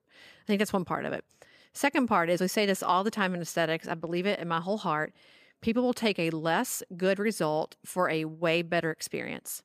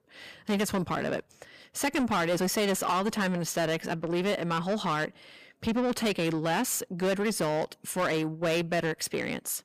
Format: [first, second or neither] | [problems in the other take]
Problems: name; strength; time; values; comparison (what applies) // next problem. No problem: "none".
first | distortion; heavy; 7 dB below the speech